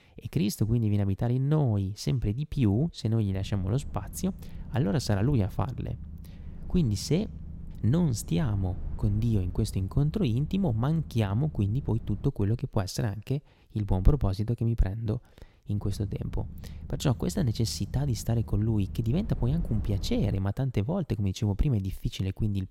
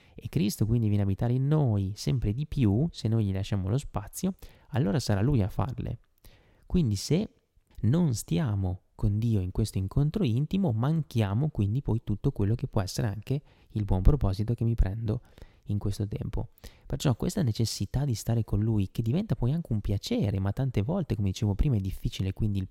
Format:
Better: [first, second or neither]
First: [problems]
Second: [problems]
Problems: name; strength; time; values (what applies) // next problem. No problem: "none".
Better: second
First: low rumble; noticeable; from 3.5 to 12 s and from 16 to 20 s; 20 dB below the speech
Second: none